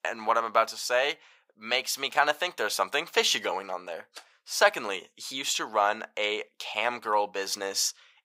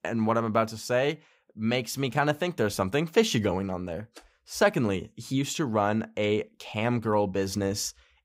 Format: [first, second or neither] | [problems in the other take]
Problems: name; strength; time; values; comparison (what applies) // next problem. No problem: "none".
second | thin; very; fading below 850 Hz